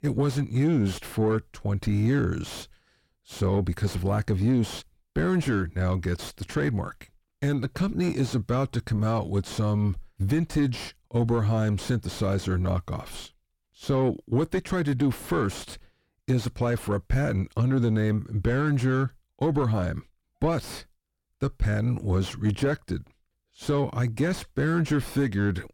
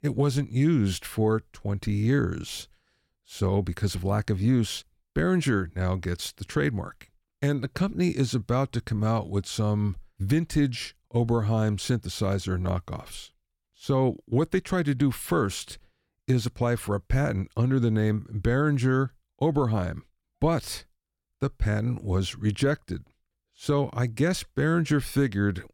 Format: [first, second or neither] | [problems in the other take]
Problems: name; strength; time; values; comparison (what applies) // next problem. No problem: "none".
second | distortion; slight; 8 dB below the speech